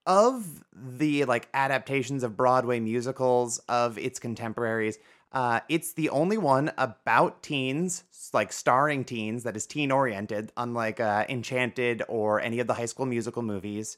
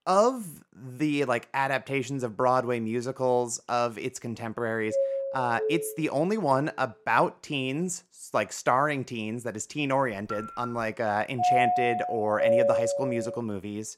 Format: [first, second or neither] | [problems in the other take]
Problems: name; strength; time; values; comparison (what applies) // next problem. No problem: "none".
first | doorbell; loud; from 5 to 6 s and from 11 to 13 s; peak 6 dB above the speech // phone ringing; faint; at 10 s; peak 10 dB below the speech